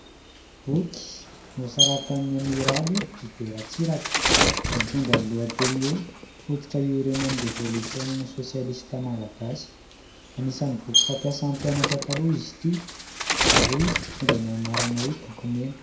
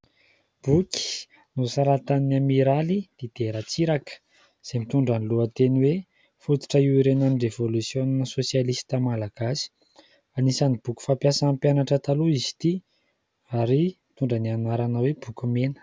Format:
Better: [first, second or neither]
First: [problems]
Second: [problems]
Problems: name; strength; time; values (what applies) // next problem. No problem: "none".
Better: second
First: background sound (Bird); as loud as the speech // room echo; dies away in 0.5 s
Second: none